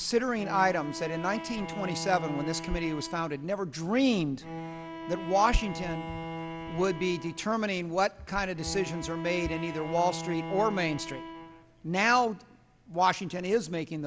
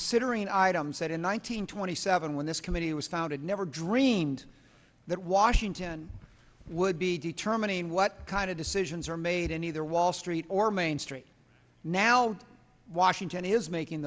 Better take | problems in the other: second | background sound (Bowed string instrument); 10 dB below the speech

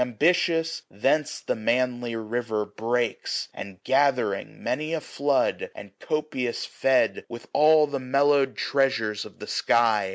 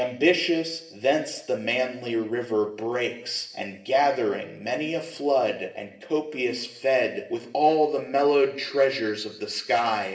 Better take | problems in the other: first | room echo; dies away in 0.7 s

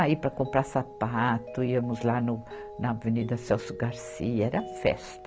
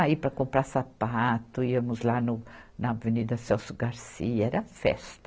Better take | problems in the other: second | background sound (Mallet percussion); 14 dB below the speech

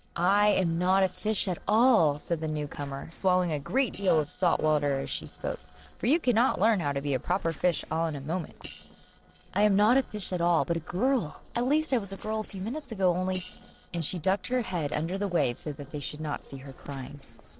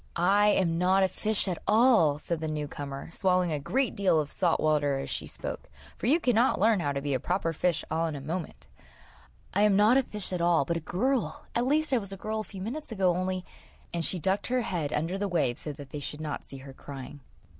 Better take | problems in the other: second | noise reduction (neural separator model SepFormer DNS4)

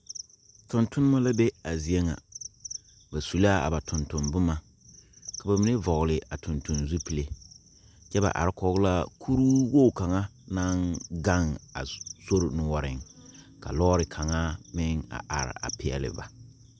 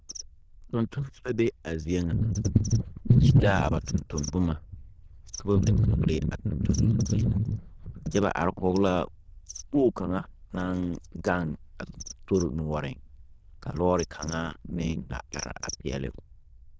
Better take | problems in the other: first | noise reduction (neural diffusion model UNIVERSE++)

